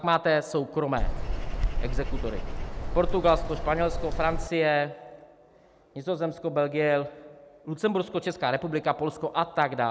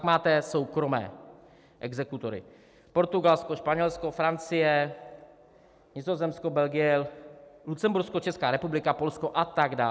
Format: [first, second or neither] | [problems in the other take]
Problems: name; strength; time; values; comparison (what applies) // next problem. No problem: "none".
second | background sound (Bird vocalization, bird call, bird song); as loud as the speech